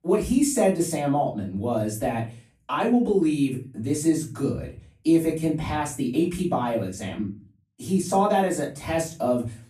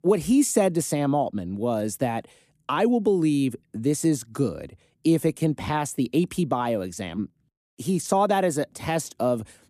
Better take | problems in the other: second | off-mic speech; far // room echo; slight; dies away in 0.3 s

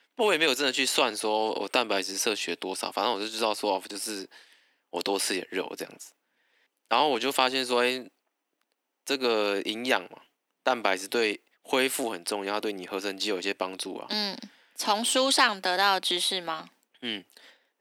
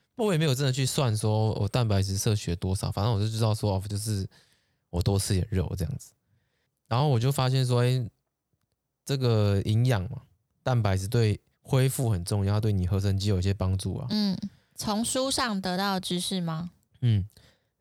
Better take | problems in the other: second | thin; very; fading below 250 Hz

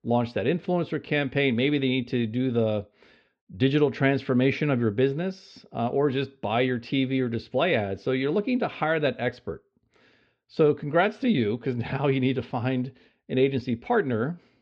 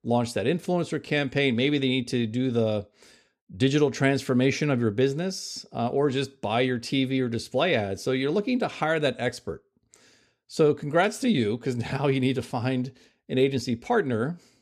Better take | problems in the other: second | muffled; slightly; fading above 3.5 kHz

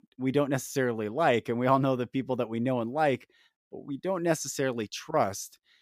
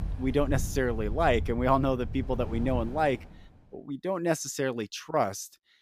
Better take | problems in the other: first | wind in the background; loud; until 3.5 s; 7 dB below the speech

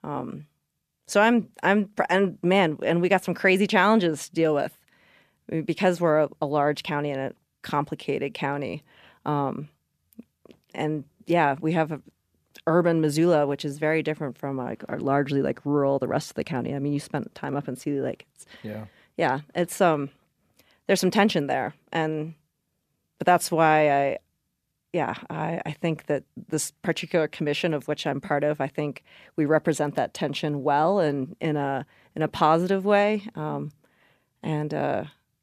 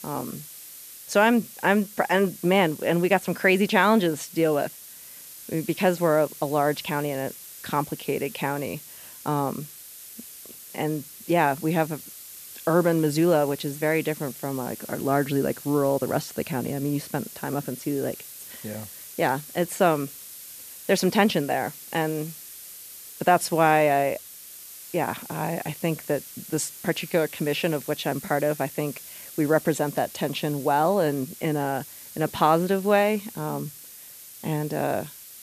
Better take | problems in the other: first | hiss; noticeable; throughout; 15 dB below the speech

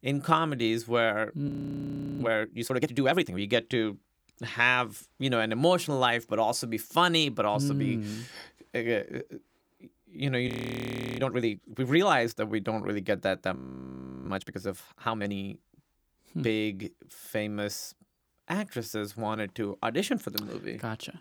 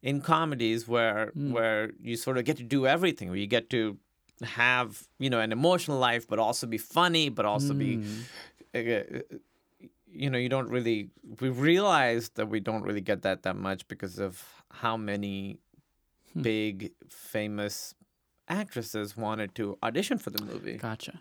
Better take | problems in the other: second | audio freezing; at 1.5 s for 0.5 s, at 10 s for 0.5 s and at 14 s for 0.5 s

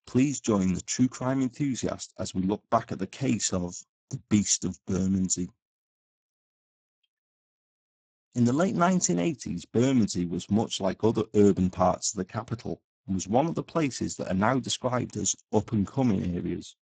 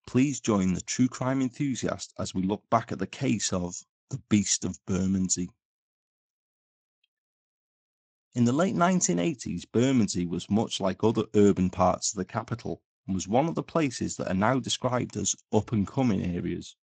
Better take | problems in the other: second | garbled, watery; badly; nothing above 7.5 kHz; slightly in the second

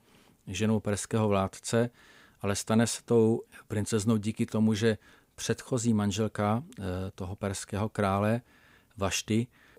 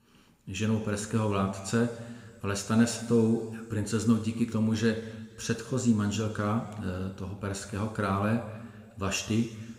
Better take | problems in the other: first | room echo; slight; dies away in 1.9 s

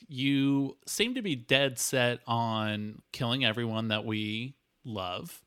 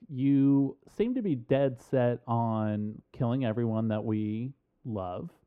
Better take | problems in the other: first | muffled; very; fading above 2 kHz

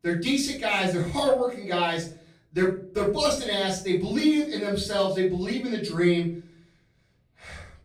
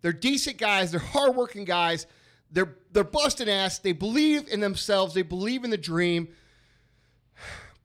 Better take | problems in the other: second | room echo; slight; dies away in 0.4 s // off-mic speech; far

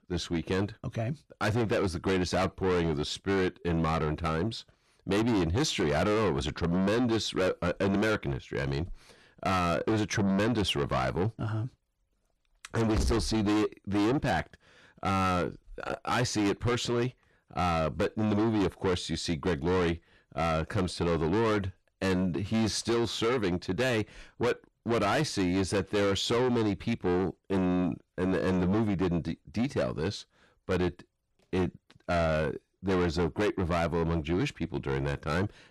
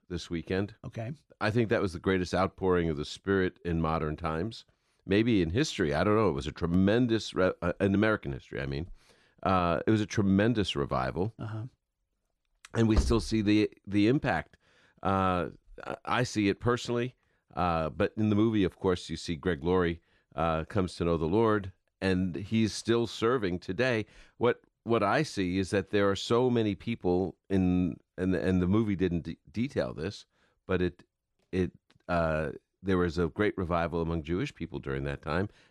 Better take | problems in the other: second | distortion; heavy; 6 dB below the speech

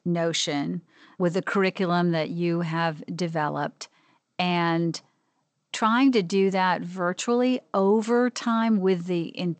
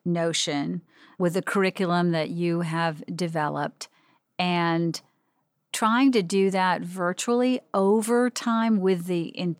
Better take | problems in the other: second | garbled, watery; slightly; nothing above 8 kHz

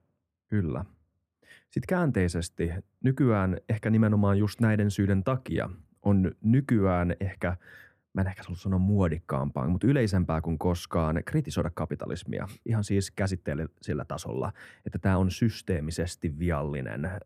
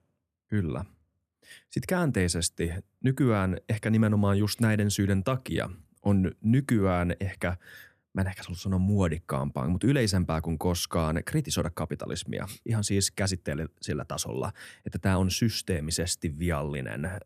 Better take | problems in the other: second | muffled; slightly; fading above 2.5 kHz

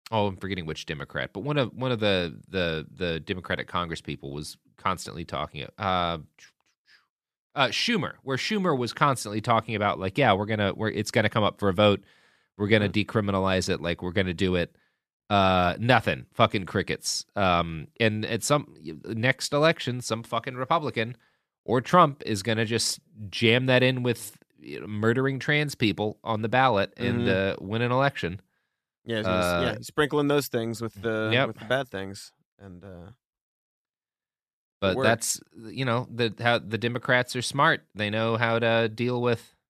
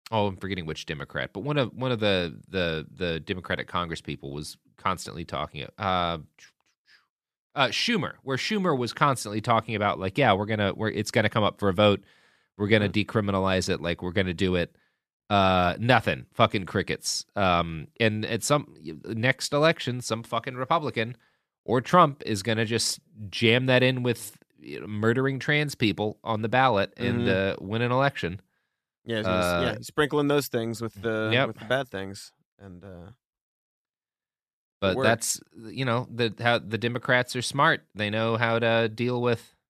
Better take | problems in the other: neither | none

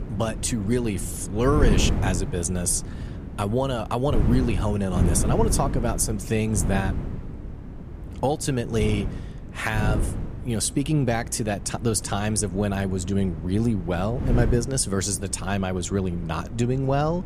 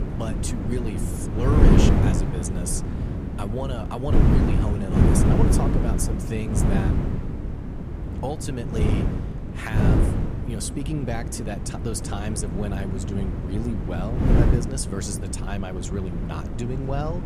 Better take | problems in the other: first | wind noise on the microphone; heavy; 1 dB above the speech; occasional gusts in the first

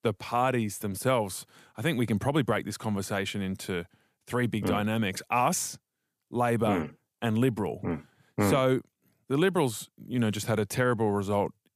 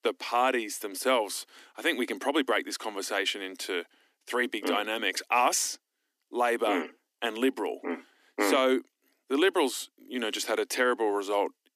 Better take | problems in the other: first | thin; somewhat; fading below 250 Hz

